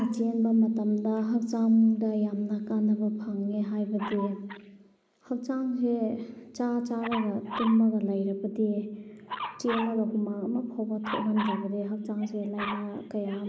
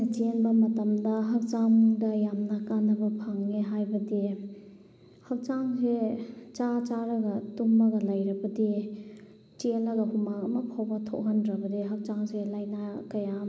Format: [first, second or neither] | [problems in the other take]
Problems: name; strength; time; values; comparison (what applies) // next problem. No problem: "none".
second | noise reduction (neural mask model Resemble Enhance denoiser)